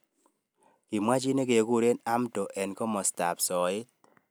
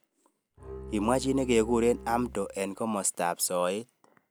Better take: first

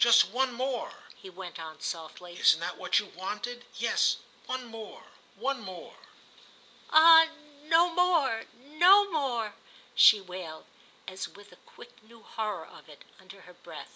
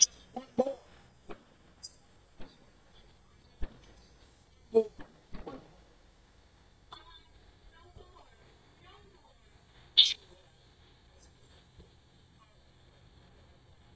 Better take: first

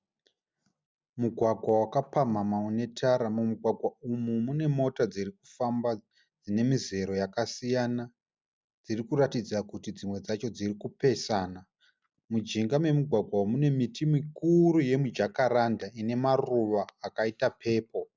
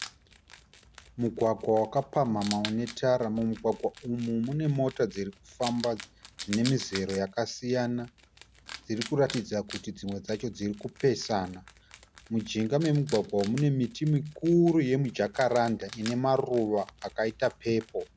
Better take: first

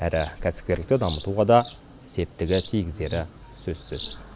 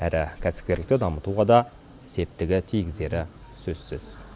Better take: second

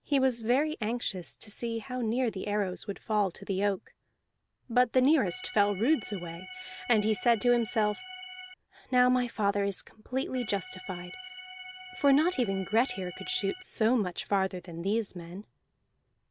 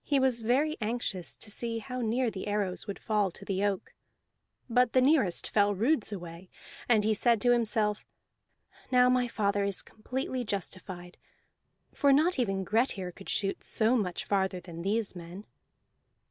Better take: second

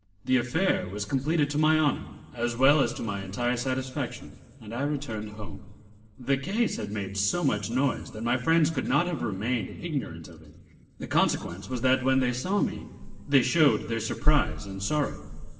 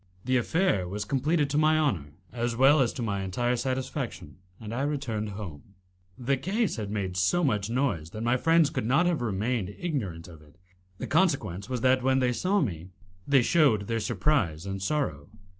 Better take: second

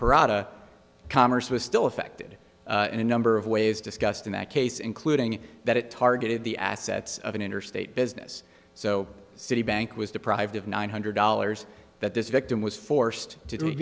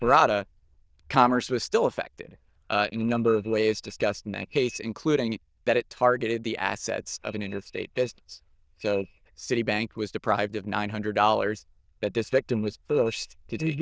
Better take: first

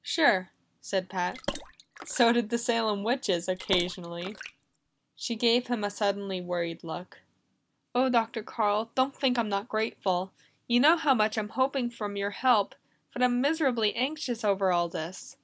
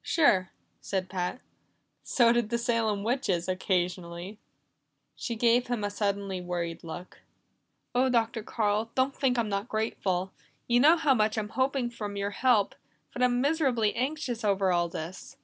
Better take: second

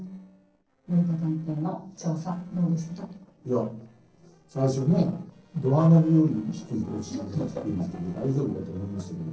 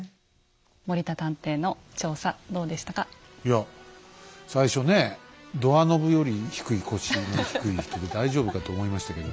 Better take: second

